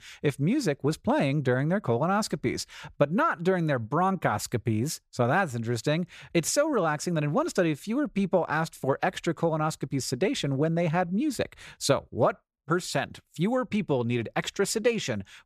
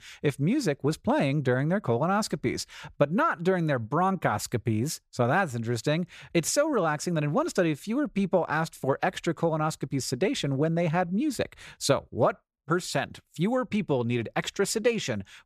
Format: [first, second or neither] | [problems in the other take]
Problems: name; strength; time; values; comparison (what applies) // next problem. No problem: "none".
neither | none